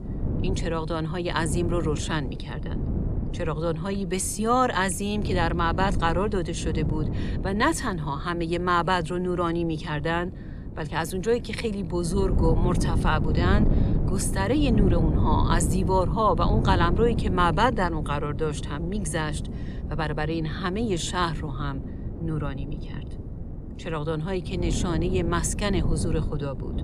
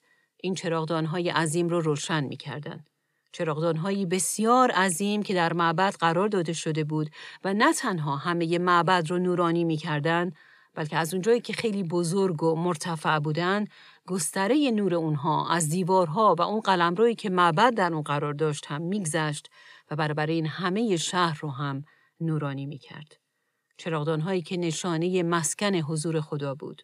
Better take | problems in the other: second | wind noise on the microphone; occasional gusts; 10 dB below the speech

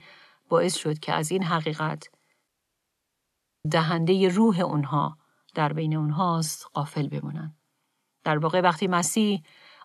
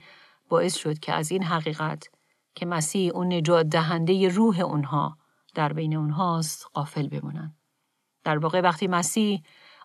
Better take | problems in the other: second | audio cutting out; at 2.5 s for 1 s

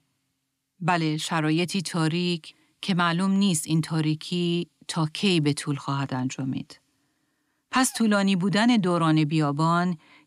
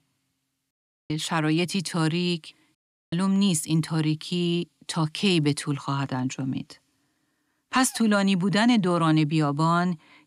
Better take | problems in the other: first | audio cutting out; at 0.5 s and at 3 s

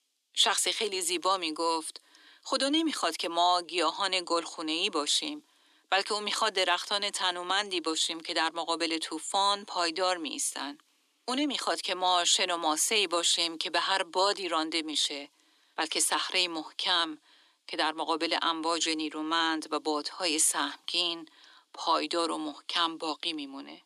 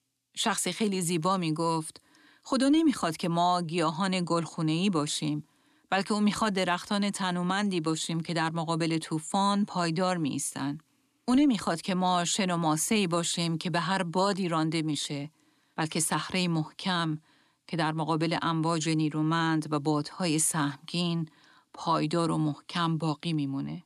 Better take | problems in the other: second | thin; very; fading below 350 Hz

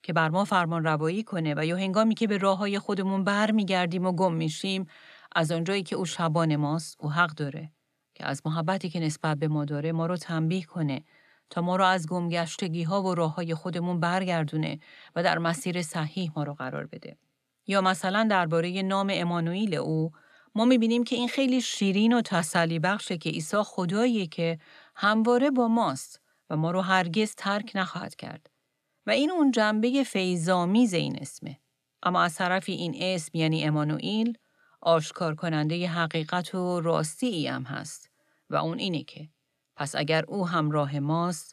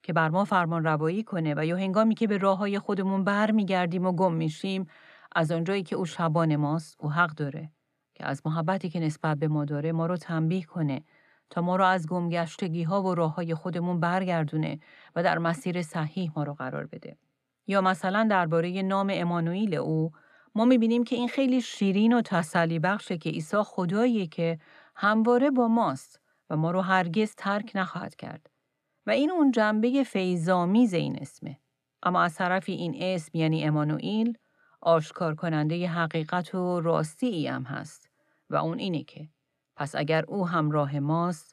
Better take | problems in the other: first | muffled; slightly; fading above 2.5 kHz

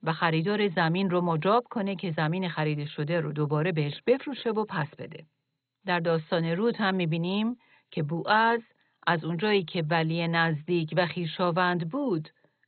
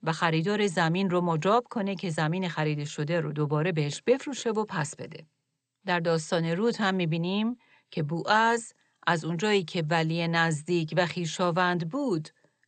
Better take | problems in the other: second | garbled, watery; badly; nothing above 4 kHz; slightly in the second

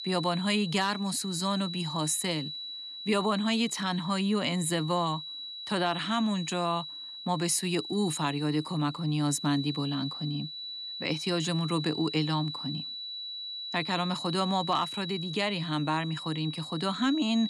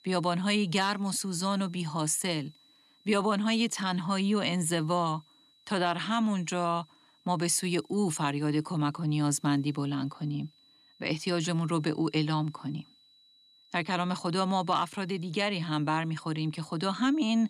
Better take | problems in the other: second | high-pitched whine; loud; throughout; 4 kHz, 7 dB below the speech; faint in the second

